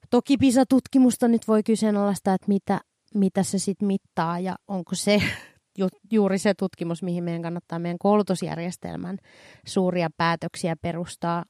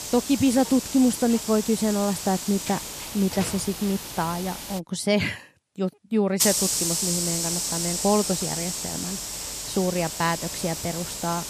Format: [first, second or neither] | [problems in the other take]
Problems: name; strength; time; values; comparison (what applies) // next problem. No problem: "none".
first | hiss; loud; until 5 s and from 6.5 s on; 2 dB below the speech